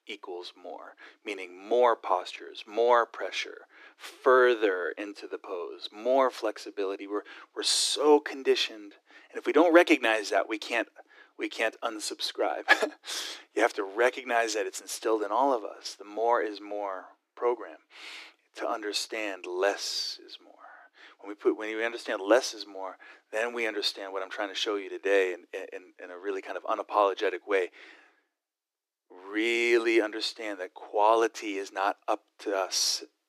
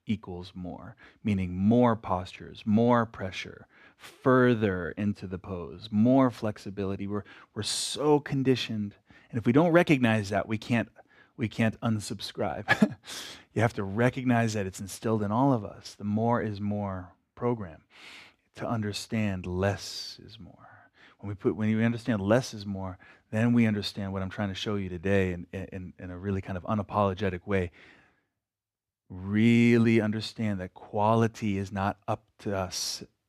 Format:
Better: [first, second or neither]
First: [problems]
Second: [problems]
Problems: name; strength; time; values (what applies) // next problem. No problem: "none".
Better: second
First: thin; very; fading below 300 Hz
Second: none